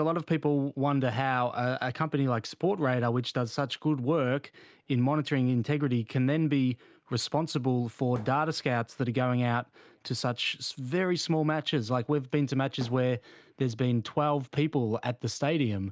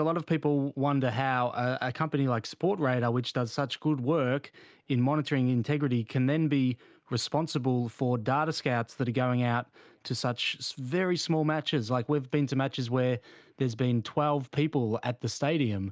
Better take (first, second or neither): second